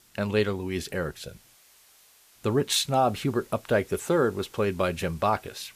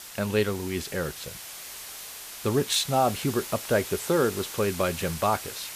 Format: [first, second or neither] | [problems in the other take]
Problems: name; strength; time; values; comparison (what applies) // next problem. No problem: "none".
first | hiss; loud; throughout; 10 dB below the speech; faint in the first